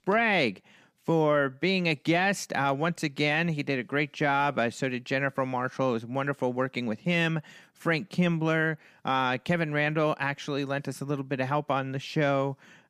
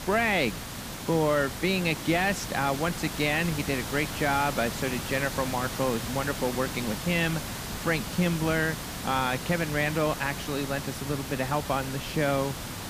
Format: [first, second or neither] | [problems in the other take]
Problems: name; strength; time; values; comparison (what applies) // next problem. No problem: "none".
first | hiss; loud; throughout; 6 dB below the speech